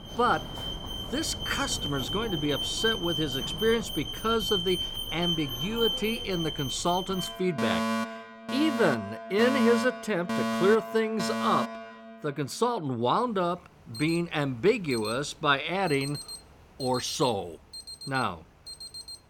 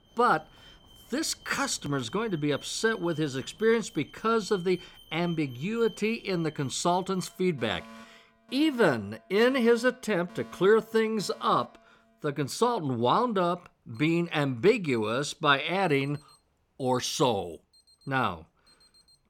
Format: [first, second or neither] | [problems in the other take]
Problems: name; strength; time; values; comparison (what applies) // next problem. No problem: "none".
second | alarms or sirens; loud; throughout; 4 dB below the speech; faint in the second